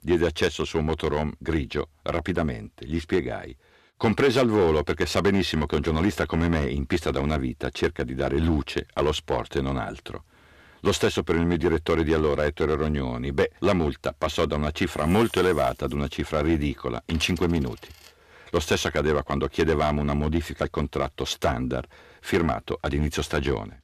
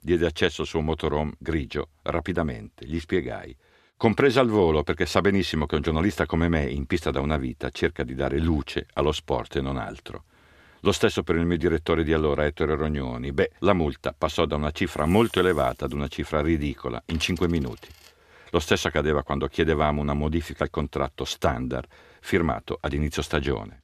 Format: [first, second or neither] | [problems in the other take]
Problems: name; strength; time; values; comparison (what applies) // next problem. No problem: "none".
second | distortion; slight; 3% of the sound clipped